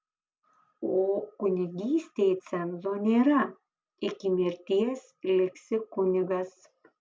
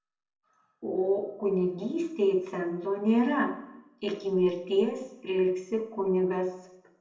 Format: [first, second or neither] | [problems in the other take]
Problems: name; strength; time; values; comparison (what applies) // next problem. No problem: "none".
first | room echo; dies away in 0.7 s